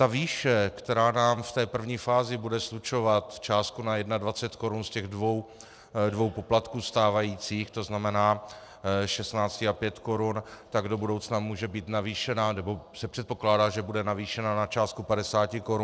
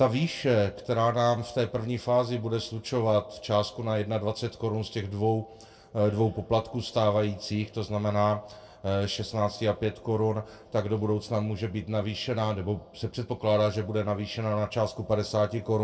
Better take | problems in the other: first | room echo; dies away in 0.2 s

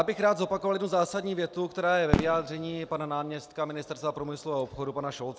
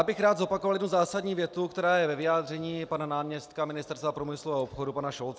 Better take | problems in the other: second | background sound (Fireworks); 6 dB below the speech

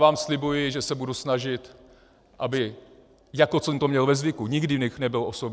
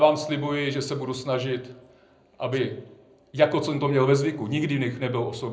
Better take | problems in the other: first | room echo; dies away in 0.4 s

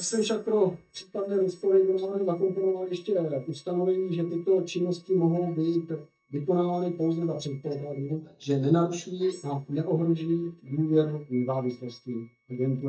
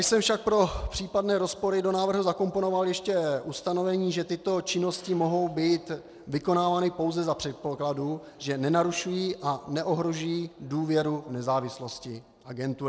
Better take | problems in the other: second | noise reduction (neural mask model DeepFilterNet 3)

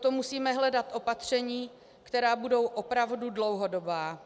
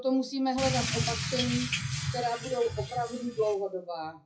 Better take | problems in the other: first | noise reduction (classical method WPE with log-MMSE)

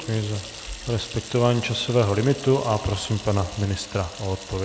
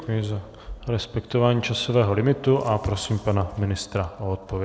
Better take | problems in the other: second | background sound (Sink (filling or washing) / Water tap, faucet); 15 dB below the speech

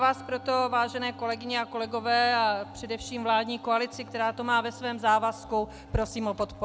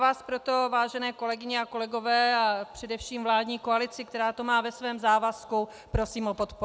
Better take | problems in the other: second | background sound (Keyboard (musical) + Musical instrument); 18 dB below the speech

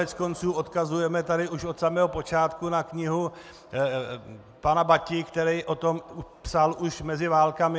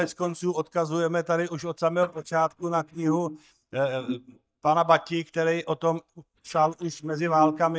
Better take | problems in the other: first | noise reduction (neural mask model DeepFilterNet 3)

